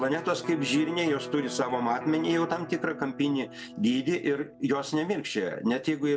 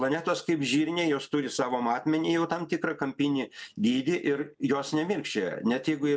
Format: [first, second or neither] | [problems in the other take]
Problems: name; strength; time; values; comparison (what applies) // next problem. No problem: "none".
second | background sound (Electric guitar); 13 dB below the speech